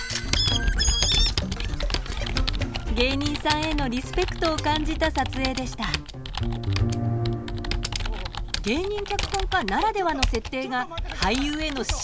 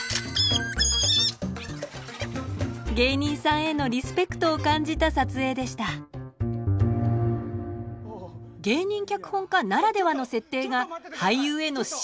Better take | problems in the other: second | background sound (Computer keyboard); 1 dB below the speech

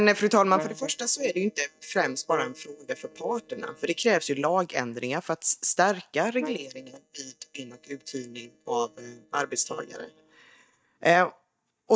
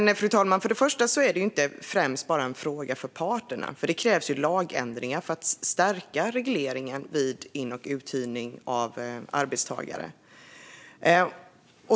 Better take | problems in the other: second | noise reduction (neural mask model DeepFilterNet 3)

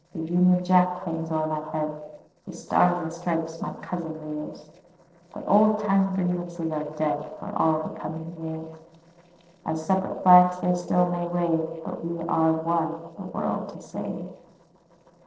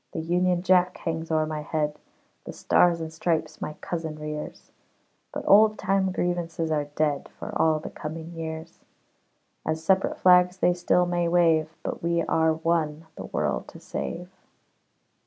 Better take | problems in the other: second | noise reduction (neural separator model SepFormer DNS4)

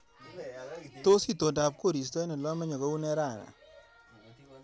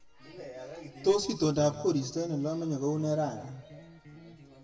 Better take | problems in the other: first | background sound (Electric guitar); 17 dB below the speech // room echo; dies away in 1 s

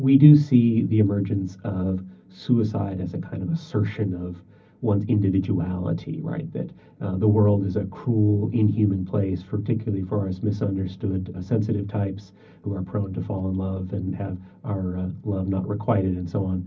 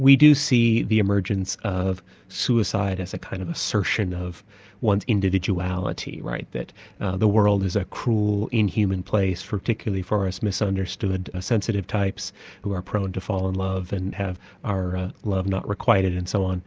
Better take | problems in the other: second | room echo; dies away in 0.4 s

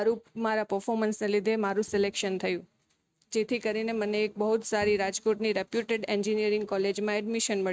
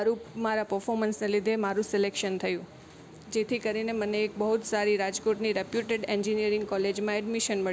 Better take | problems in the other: second | noise reduction (neural mask model RNNoise)

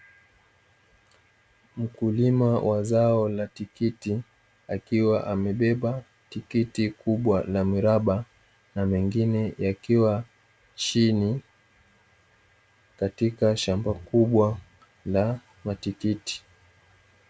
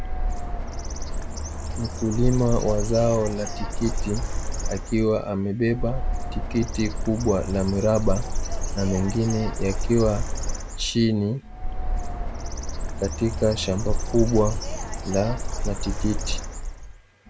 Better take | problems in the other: first | background sound (Bird); 1 dB below the speech

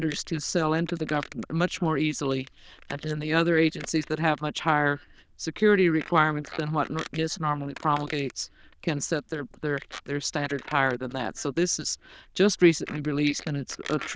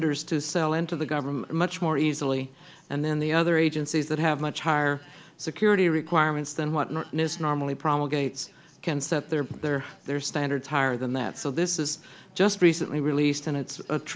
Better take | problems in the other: second | noise reduction (neural diffusion model UNIVERSE++)

